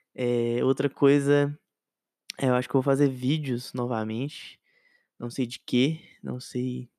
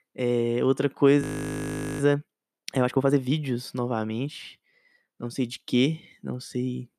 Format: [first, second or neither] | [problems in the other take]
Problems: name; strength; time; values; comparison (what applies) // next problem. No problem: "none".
first | audio freezing; at 1 s for 1 s